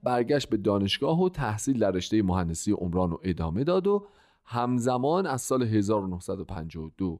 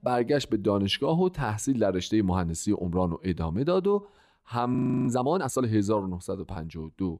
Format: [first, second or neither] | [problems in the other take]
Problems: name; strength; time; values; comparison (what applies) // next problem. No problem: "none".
first | audio freezing; at 5 s